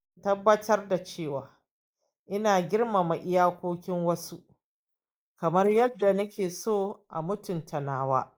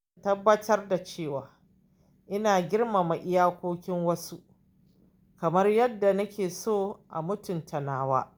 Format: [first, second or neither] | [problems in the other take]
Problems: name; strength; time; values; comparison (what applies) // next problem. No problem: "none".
second | noise reduction (neural mask model Resemble Enhance denoiser)